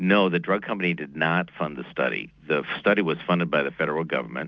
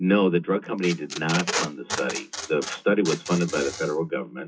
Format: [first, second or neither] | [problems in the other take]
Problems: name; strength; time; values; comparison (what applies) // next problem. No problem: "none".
first | noise reduction (classical method WPE with log-MMSE)